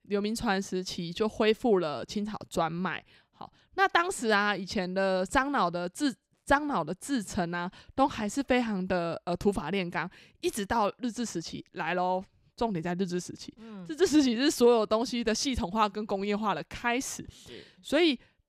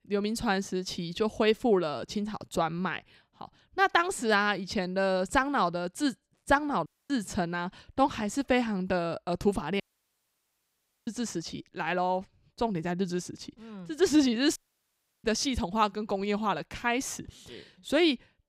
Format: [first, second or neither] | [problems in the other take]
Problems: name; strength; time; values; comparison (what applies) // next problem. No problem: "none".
first | audio cutting out; at 7 s, at 10 s for 1.5 s and at 15 s for 0.5 s